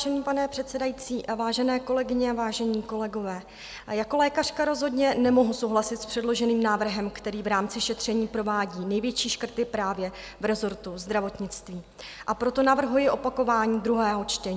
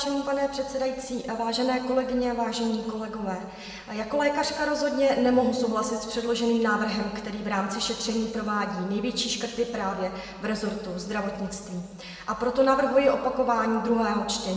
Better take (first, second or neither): first